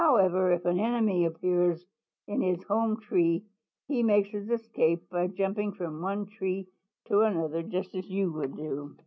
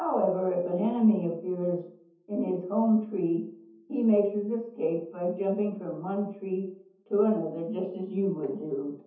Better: first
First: none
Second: room echo; dies away in 0.6 s

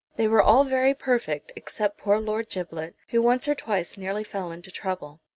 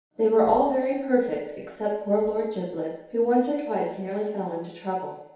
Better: first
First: none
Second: room echo; dies away in 2.2 s

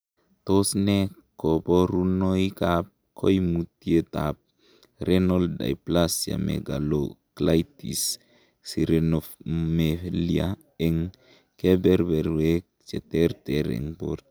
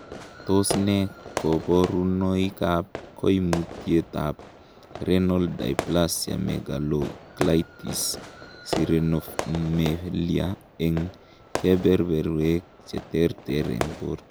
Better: first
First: none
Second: background sound (Fireworks); 11 dB below the speech

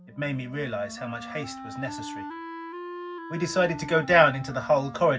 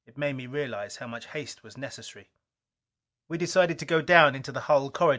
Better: second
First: background sound (Wind instrument, woodwind instrument); 12 dB below the speech // room echo; dies away in 0.4 s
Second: none

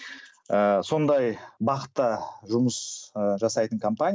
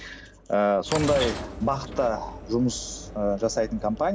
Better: first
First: none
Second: background sound (Sliding door / Train); 10 dB below the speech

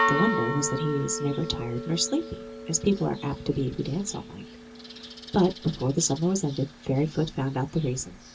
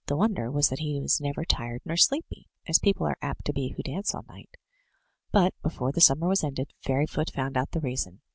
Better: second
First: background sound (Church bell); 7 dB below the speech // room echo; dies away in 0.2 s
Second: none

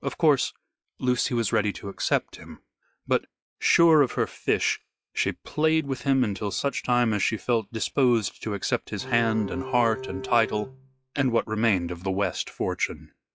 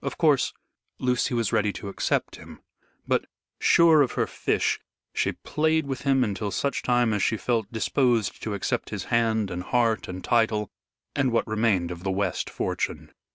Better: second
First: noise reduction (classical method log-MMSE)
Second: none

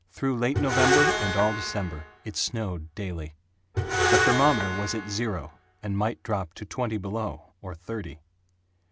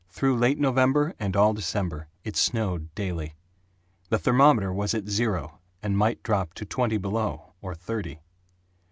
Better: second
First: background sound (Screech); 1 dB above the speech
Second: none

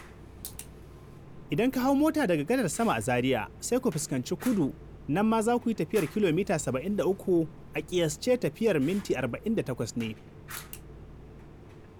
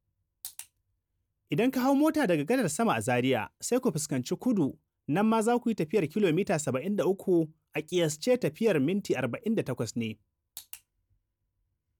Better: second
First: background sound (Fire); 17 dB below the speech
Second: none

